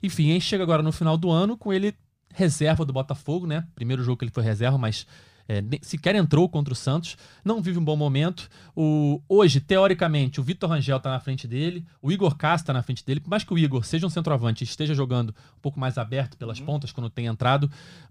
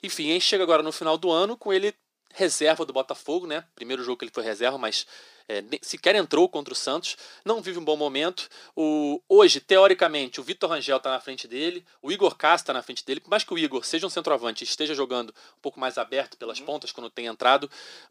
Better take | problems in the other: first | thin; very; fading below 300 Hz

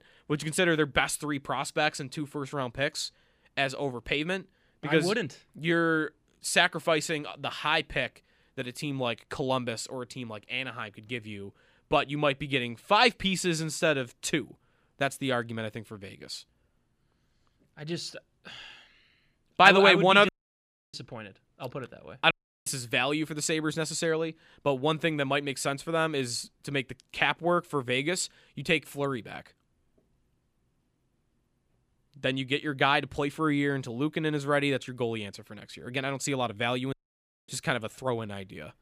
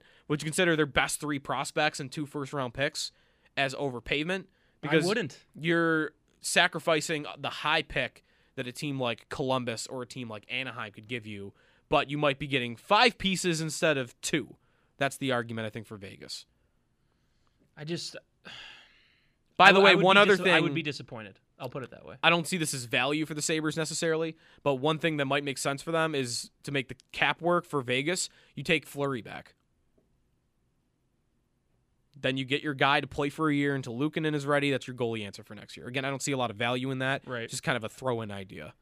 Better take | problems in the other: second | audio cutting out; at 20 s for 0.5 s, at 22 s and at 37 s for 0.5 s

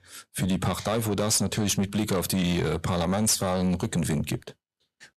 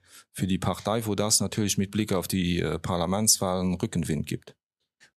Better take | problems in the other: second | distortion; heavy; 8 dB below the speech

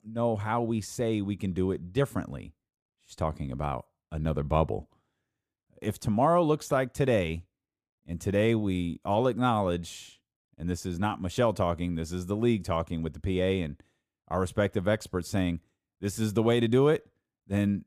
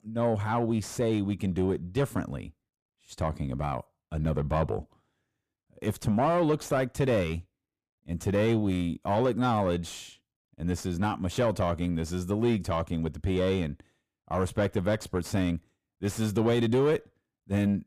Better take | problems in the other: first | distortion; slight; 10 dB below the speech

